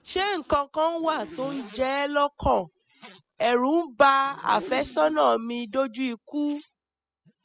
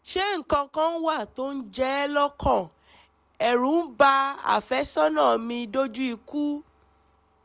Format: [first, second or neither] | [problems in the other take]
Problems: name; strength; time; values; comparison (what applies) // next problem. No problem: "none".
second | noise reduction (classical method spectral subtraction)